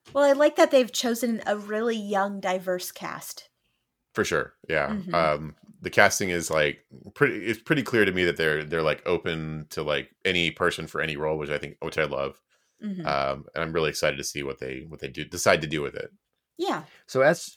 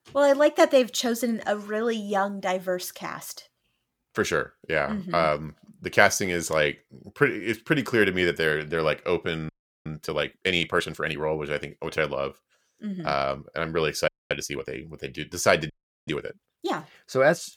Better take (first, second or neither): first